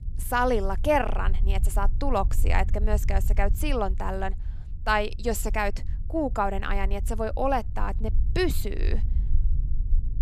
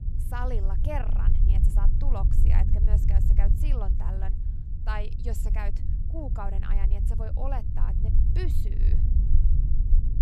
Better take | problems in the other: first | low rumble; loud; throughout; 5 dB below the speech; faint in the first

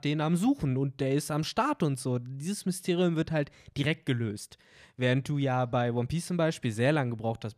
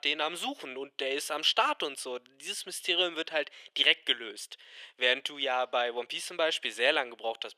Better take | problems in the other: first | thin; very; fading below 400 Hz

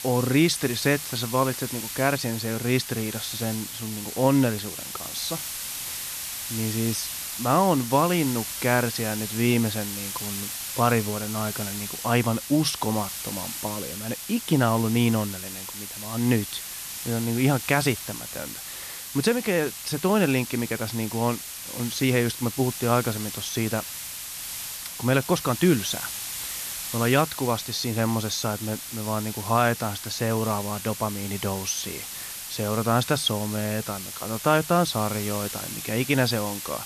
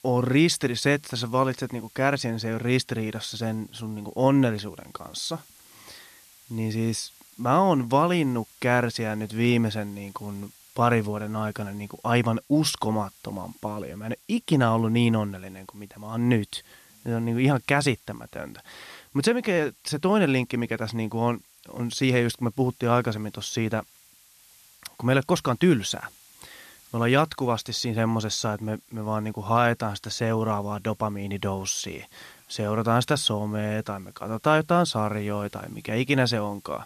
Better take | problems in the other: second | hiss; loud; throughout; 7 dB below the speech; faint in the second

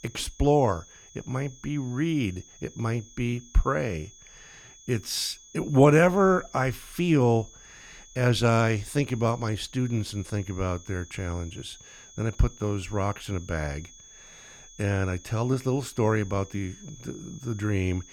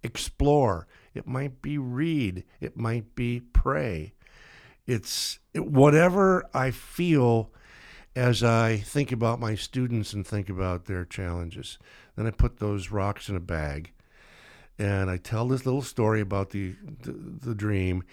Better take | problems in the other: second | high-pitched whine; faint; throughout; 6.5 kHz, 20 dB below the speech

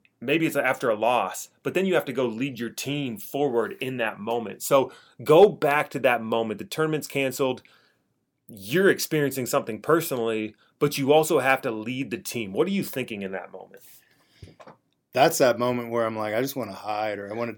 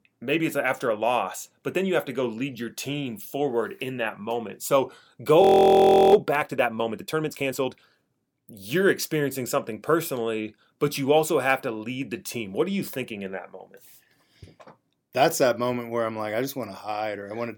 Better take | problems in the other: first | audio freezing; at 5.5 s for 0.5 s

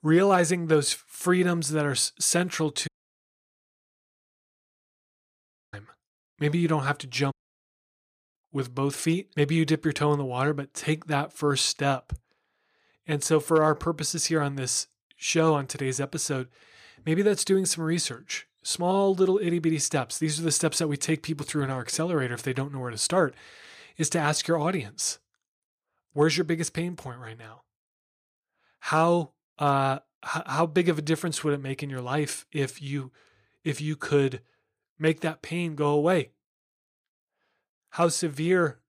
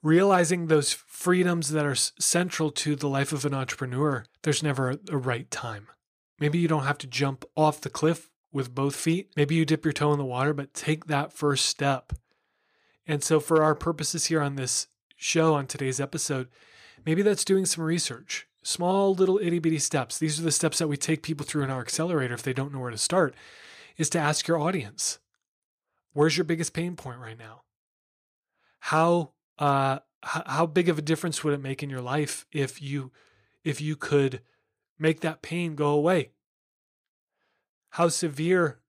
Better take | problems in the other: second | audio cutting out; at 3 s for 3 s and at 7.5 s for 1 s

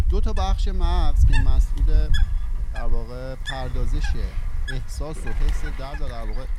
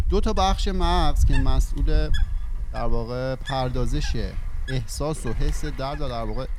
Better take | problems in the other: second | wind noise on the microphone; heavy; 2 dB below the speech; occasional gusts in the second

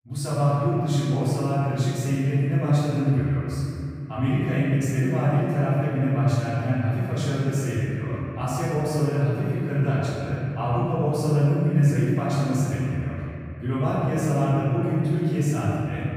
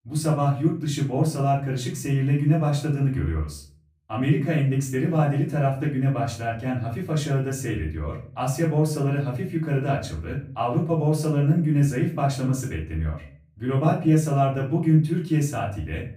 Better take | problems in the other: second | room echo; strong; dies away in 2.9 s; slight in the second // off-mic speech; far; far in the second

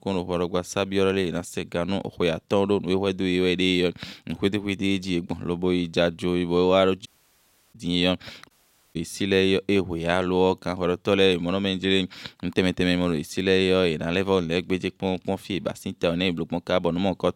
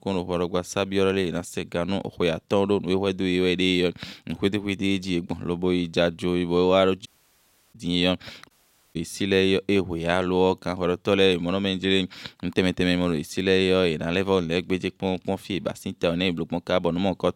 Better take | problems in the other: neither | audio cutting out; at 7 s for 0.5 s and at 8.5 s; the same in both

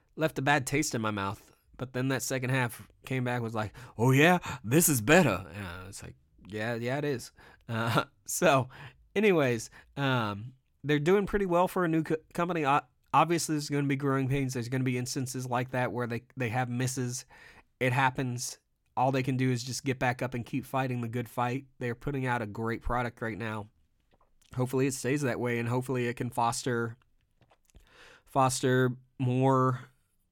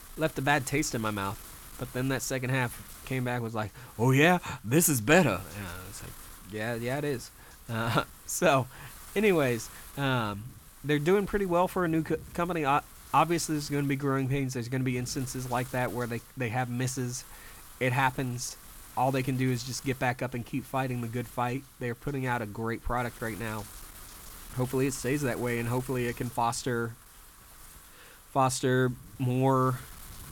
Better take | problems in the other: first | wind noise on the microphone; occasional gusts; 20 dB below the speech

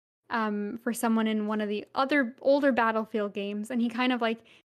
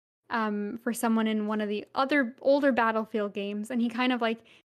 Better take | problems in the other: neither | none

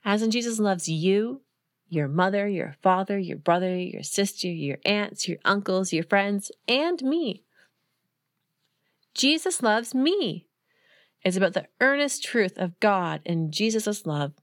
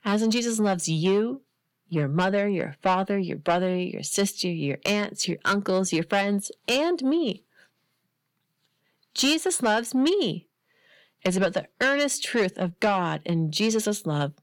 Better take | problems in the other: first | distortion; slight; 10 dB below the speech

